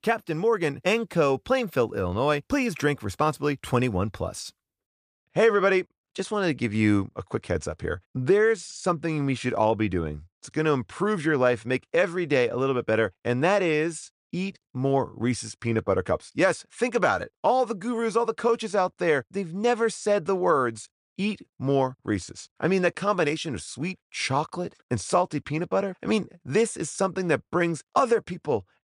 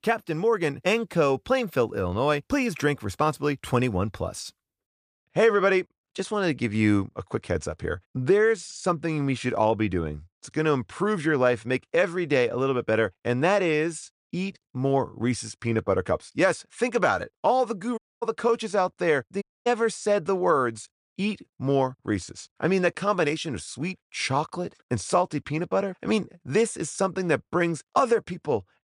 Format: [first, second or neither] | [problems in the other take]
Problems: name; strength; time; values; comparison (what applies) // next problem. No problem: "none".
first | audio cutting out; at 18 s and at 19 s